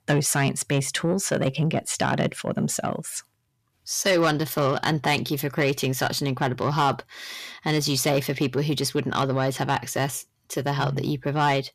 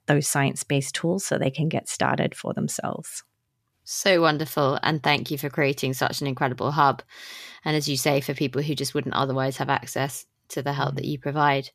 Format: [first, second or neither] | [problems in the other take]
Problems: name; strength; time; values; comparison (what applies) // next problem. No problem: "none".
second | distortion; slight; 10 dB below the speech